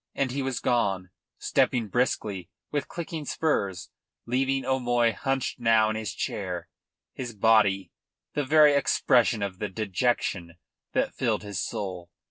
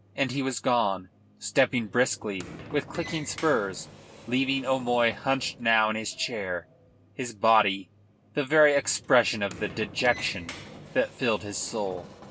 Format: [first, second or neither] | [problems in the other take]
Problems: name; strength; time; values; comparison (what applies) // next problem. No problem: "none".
first | background sound (Sliding door); 18 dB below the speech